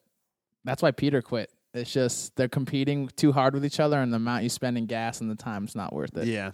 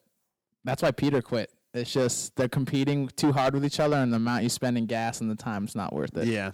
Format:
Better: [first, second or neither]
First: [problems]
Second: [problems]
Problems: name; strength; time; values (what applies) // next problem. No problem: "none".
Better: first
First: none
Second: distortion; slight; 4% of the sound clipped